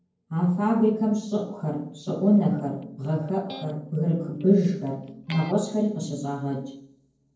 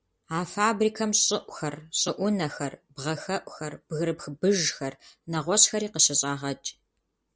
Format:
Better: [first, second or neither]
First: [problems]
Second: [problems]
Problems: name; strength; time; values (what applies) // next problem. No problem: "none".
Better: second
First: noise reduction (neural separator model SepFormer DNS4)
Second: none